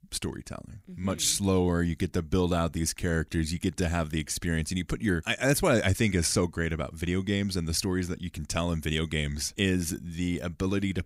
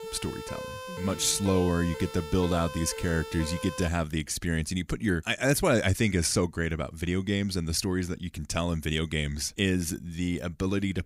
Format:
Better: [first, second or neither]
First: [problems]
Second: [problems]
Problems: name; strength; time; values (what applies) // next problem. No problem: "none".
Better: first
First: none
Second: siren; noticeable; until 4 s; peak 10 dB below the speech